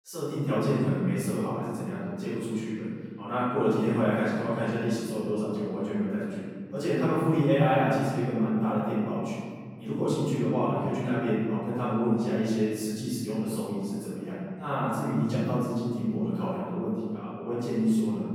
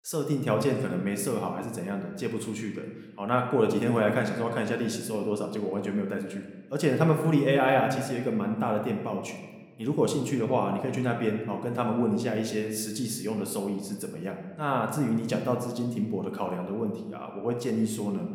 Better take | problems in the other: second | room echo; strong; dies away in 2.3 s; slight in the second // off-mic speech; far

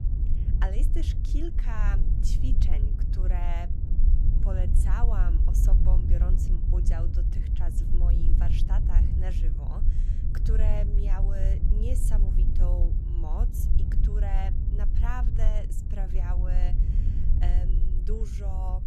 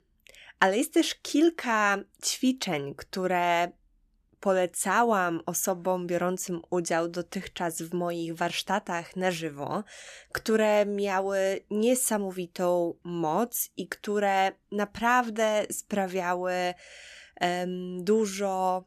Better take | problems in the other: second | wind noise on the microphone; heavy; 3 dB below the speech

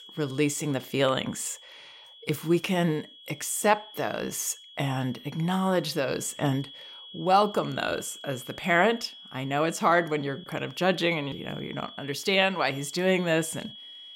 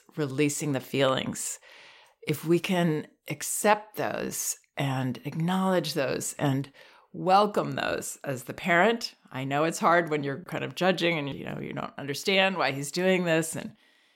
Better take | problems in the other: second | high-pitched whine; noticeable; throughout; 3.5 kHz, 15 dB below the speech

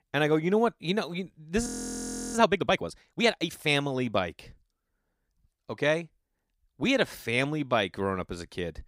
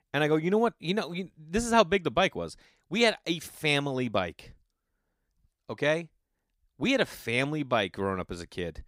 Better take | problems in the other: second | audio freezing; at 1.5 s for 0.5 s

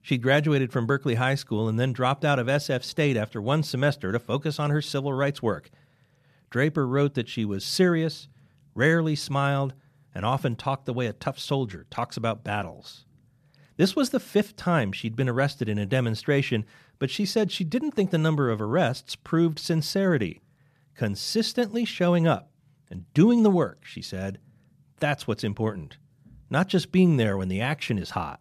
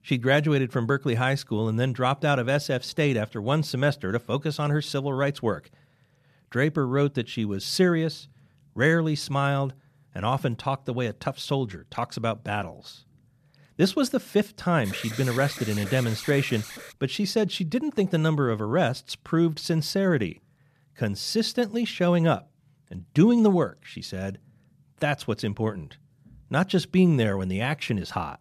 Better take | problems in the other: first | alarm; noticeable; from 15 to 17 s; peak 10 dB below the speech

